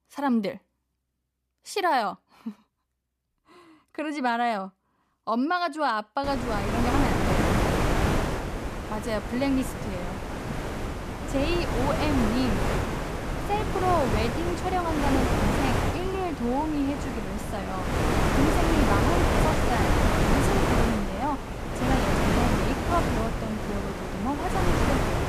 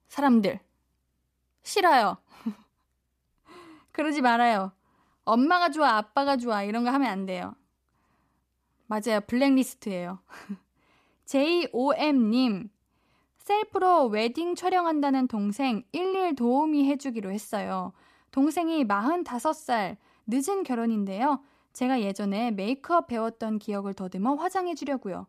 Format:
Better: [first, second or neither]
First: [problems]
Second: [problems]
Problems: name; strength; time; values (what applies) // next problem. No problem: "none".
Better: second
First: wind noise on the microphone; heavy; from 6 s on; 1 dB above the speech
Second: none